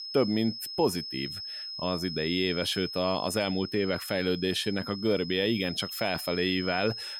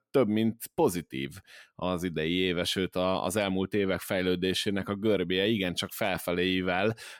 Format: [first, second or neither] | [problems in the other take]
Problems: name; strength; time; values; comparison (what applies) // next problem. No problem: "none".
second | high-pitched whine; loud; throughout; 5 kHz, 8 dB below the speech